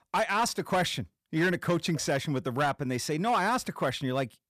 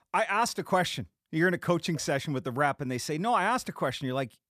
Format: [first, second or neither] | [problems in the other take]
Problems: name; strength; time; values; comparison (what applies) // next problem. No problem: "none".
second | distortion; slight; 6% of the sound clipped